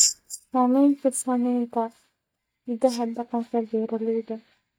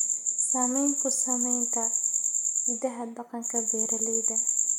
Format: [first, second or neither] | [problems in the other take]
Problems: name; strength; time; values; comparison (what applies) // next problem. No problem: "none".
second | noise reduction (neural mask model DeepFilterNet 3)